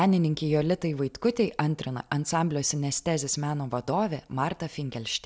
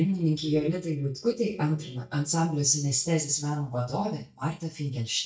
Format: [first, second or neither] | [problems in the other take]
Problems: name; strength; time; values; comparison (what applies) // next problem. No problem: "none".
first | noise reduction (neural mask model DeepFilterNet 3)